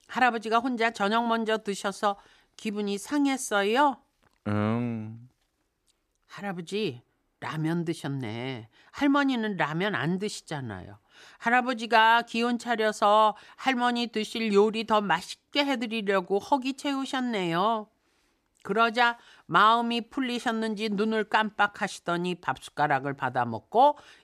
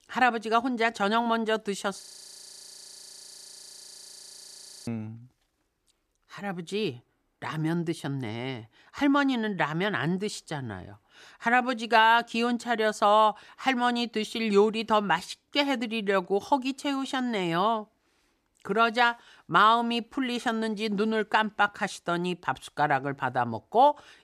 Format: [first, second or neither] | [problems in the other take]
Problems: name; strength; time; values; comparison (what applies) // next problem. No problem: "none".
first | audio freezing; at 2 s for 3 s